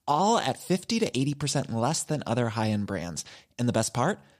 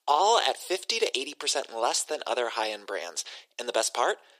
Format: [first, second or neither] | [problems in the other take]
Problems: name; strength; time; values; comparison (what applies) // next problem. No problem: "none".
first | thin; very; fading below 400 Hz